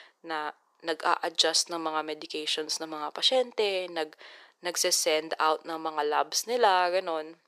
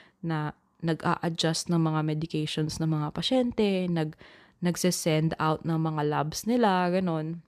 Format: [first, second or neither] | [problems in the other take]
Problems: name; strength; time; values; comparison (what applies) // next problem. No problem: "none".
second | thin; very; fading below 450 Hz